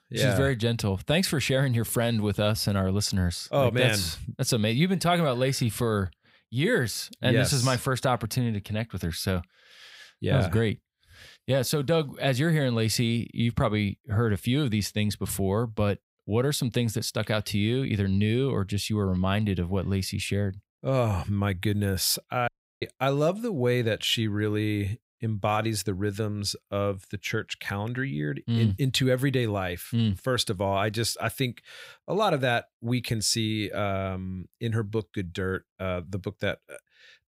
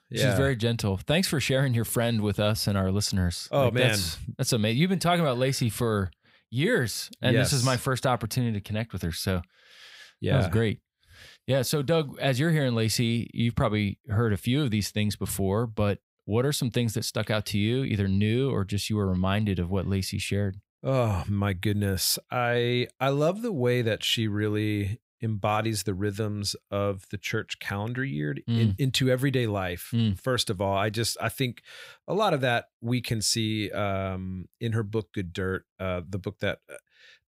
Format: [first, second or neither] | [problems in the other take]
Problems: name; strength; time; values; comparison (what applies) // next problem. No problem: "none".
second | audio cutting out; at 22 s